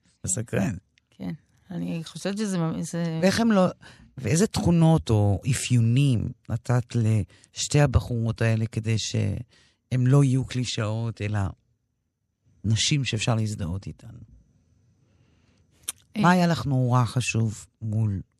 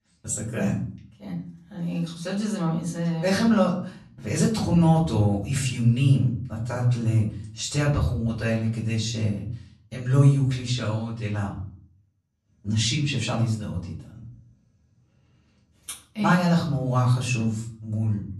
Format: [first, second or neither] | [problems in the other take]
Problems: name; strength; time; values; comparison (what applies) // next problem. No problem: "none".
first | room echo; slight; dies away in 0.4 s // off-mic speech; far